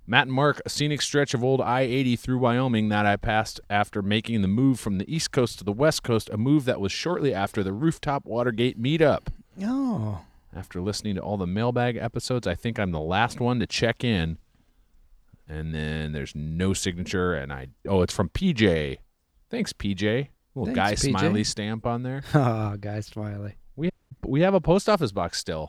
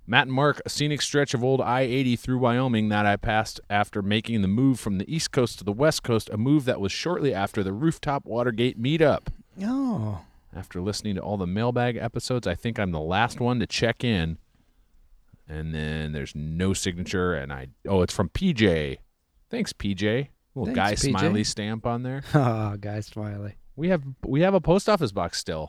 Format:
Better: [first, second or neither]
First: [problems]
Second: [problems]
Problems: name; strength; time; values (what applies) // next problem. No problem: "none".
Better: second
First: audio cutting out; at 24 s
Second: none